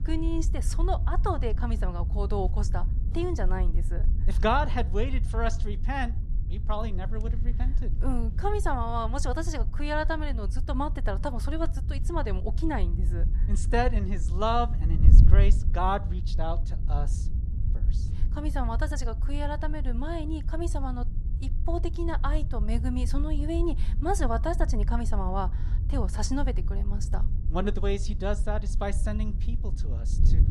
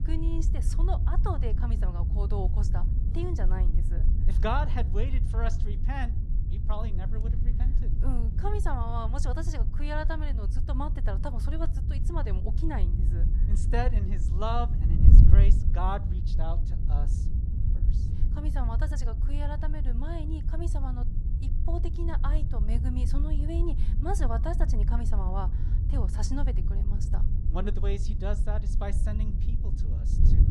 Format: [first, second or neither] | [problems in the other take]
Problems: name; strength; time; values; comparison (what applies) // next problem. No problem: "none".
first | wind noise on the microphone; heavy; 8 dB below the speech; occasional gusts in the first